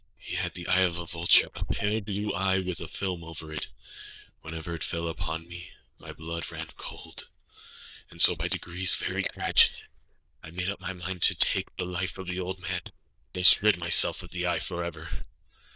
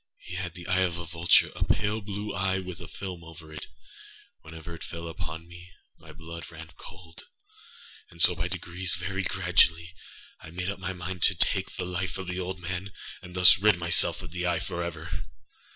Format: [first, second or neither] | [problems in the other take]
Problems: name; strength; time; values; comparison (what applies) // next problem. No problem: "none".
second | noise reduction (neural diffusion model UNIVERSE++)